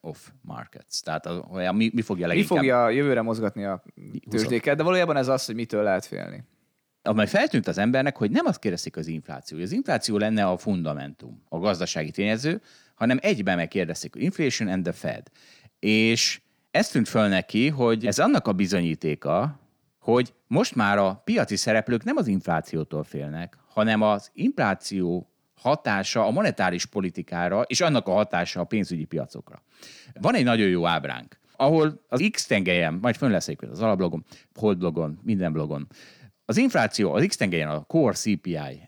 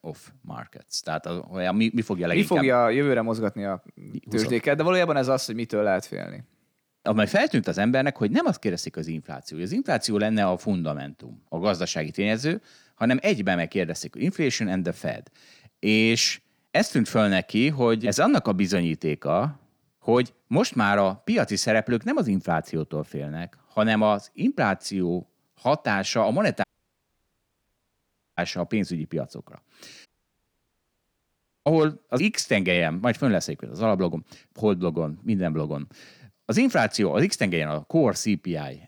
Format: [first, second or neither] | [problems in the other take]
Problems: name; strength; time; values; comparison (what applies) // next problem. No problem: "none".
first | audio cutting out; at 27 s for 1.5 s and at 30 s for 1.5 s